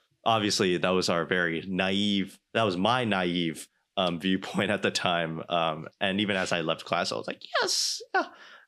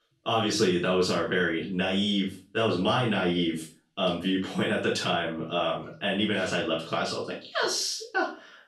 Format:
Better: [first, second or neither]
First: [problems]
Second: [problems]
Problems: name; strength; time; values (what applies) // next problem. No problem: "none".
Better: first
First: none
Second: room echo; slight; dies away in 0.3 s // off-mic speech; far